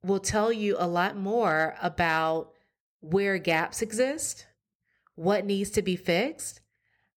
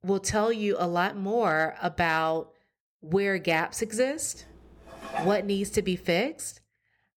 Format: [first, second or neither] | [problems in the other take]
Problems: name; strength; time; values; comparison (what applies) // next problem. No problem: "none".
first | clattering dishes; noticeable; at 5 s; peak 7 dB below the speech